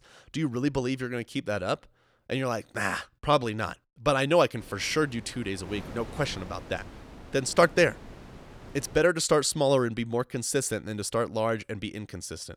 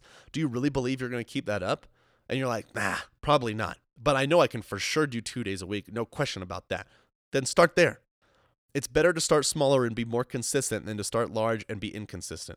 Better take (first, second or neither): second